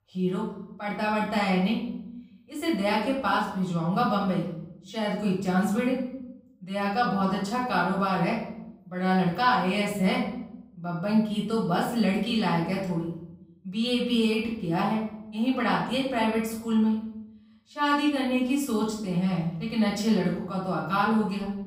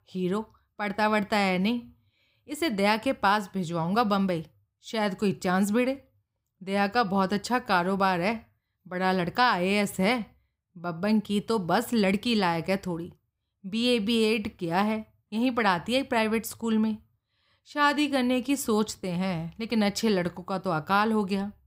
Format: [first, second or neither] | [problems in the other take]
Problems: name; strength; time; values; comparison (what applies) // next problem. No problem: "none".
second | off-mic speech; far // room echo; noticeable; dies away in 0.7 s